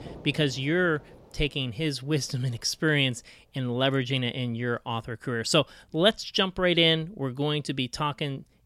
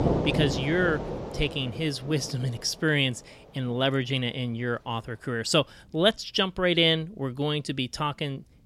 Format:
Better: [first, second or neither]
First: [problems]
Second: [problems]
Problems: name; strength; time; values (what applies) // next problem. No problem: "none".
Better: first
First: rain or running water; faint; throughout; 25 dB below the speech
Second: rain or running water; loud; throughout; 6 dB below the speech